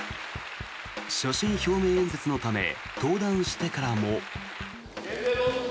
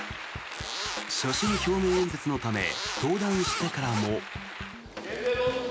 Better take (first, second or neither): first